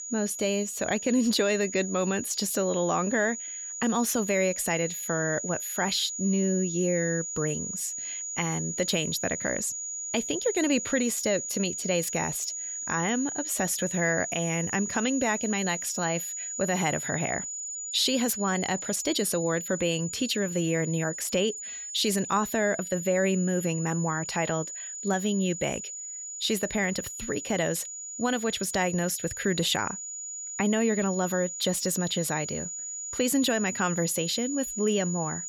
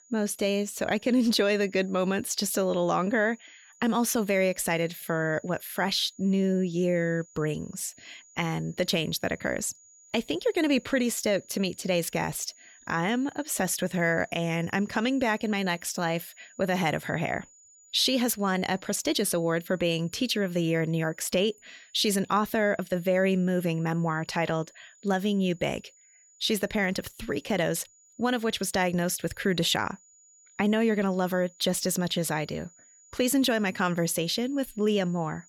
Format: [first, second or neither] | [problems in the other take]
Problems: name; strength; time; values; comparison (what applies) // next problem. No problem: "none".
second | high-pitched whine; loud; throughout; 7 kHz, 5 dB below the speech; faint in the second